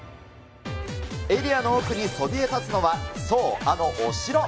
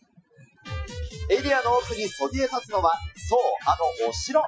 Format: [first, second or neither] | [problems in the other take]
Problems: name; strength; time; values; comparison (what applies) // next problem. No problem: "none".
first | noise reduction (classical method Wiener filter)